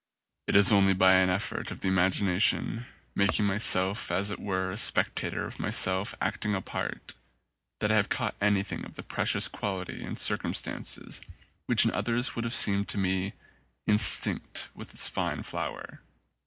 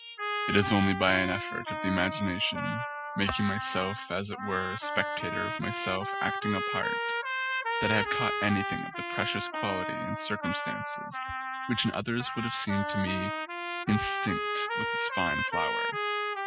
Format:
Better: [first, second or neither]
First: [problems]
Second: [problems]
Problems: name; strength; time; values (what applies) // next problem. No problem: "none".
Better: first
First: none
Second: noise reduction (classical method spectral subtraction)